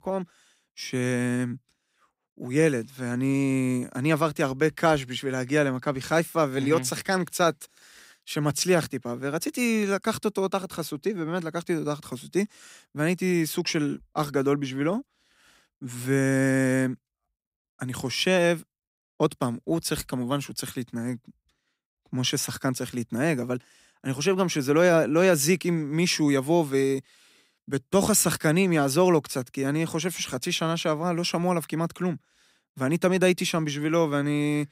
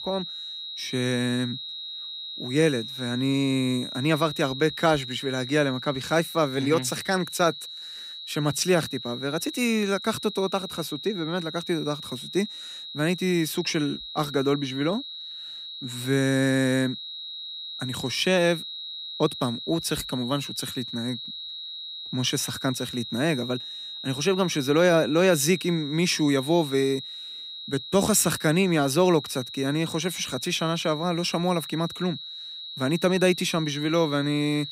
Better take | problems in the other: first | high-pitched whine; loud; throughout; 4 kHz, 9 dB below the speech

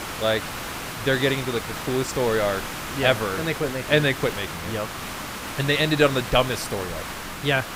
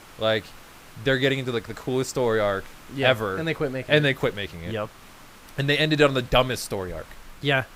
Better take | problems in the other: second | hiss; loud; throughout; 8 dB below the speech; faint in the second

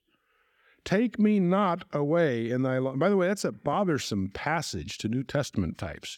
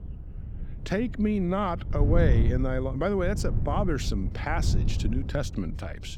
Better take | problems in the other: first | wind noise on the microphone; occasional gusts; 10 dB below the speech

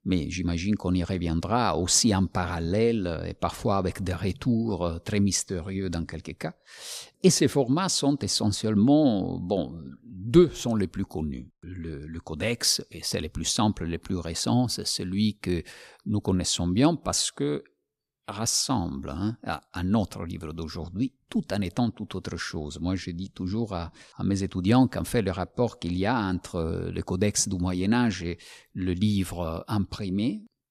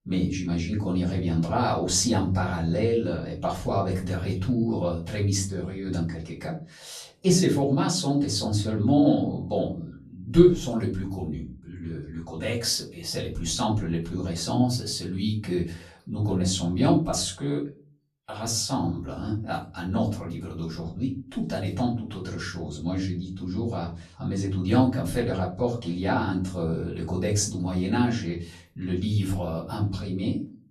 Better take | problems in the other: first | off-mic speech; far // room echo; slight; dies away in 0.4 s

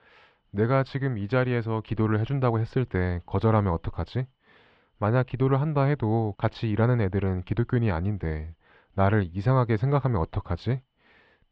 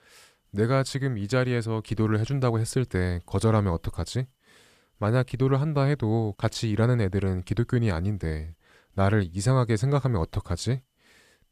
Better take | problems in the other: second | muffled; very; fading above 3.5 kHz

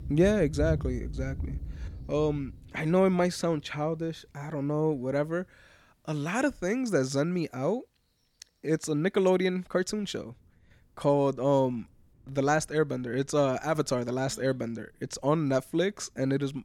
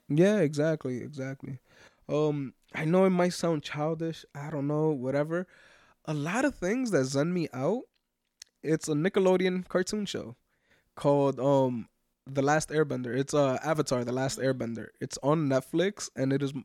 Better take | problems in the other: second | rain or running water; loud; throughout; 9 dB below the speech

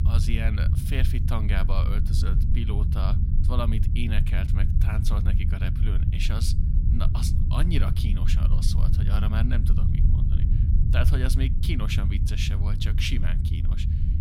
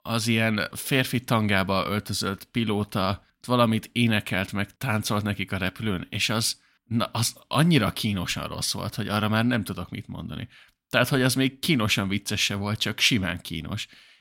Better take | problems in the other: second | low rumble; loud; throughout; 5 dB below the speech

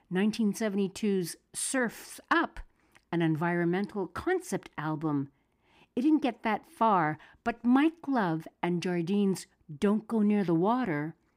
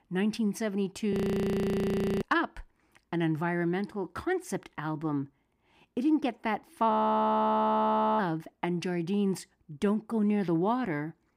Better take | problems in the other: first | audio freezing; at 1 s for 1 s and at 7 s for 1.5 s

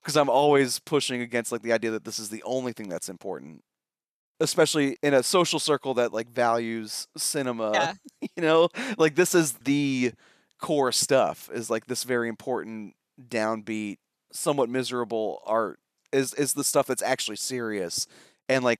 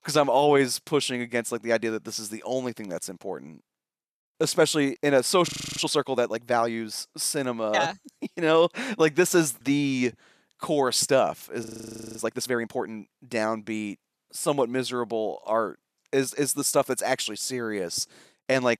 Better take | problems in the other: first | audio freezing; at 5.5 s and at 12 s for 0.5 s

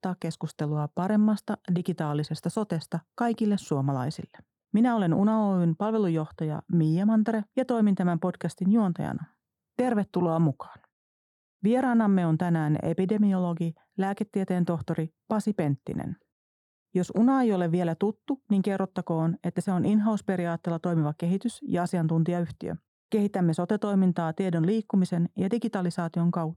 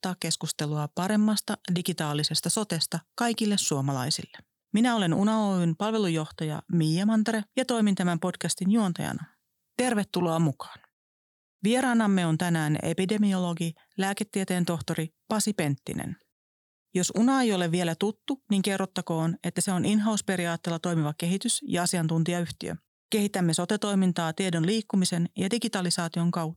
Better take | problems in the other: second | muffled; very; fading above 2 kHz

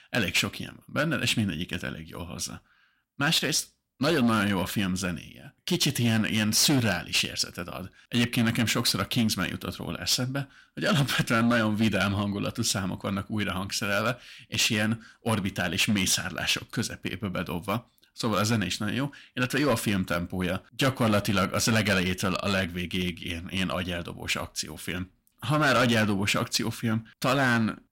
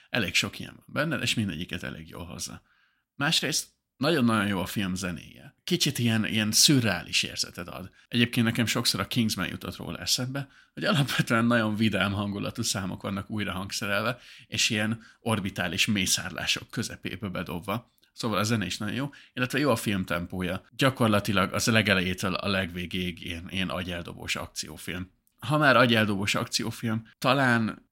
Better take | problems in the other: second | distortion; slight; 5% of the sound clipped

